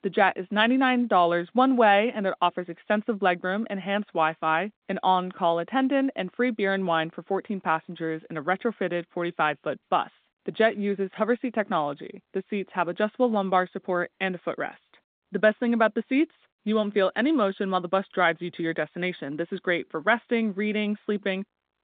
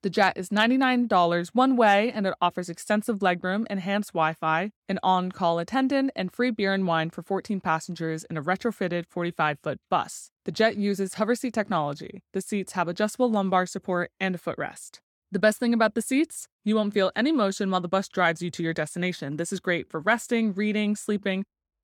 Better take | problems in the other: second | phone-call audio; nothing above 3.5 kHz

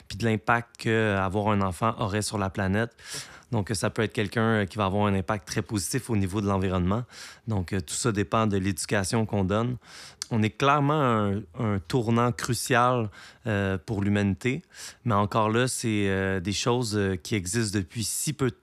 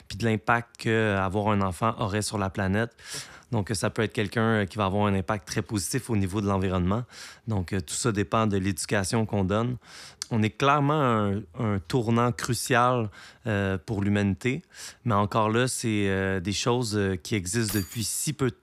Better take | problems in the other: first | jangling keys; noticeable; at 18 s; peak 9 dB below the speech

